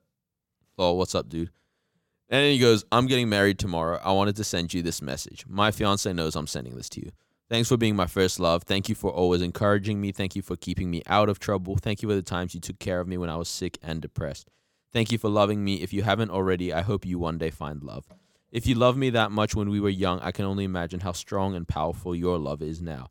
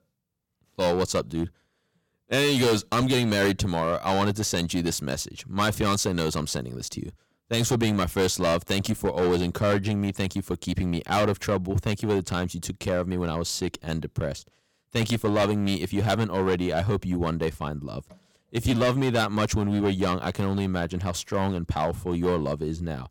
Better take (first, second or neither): first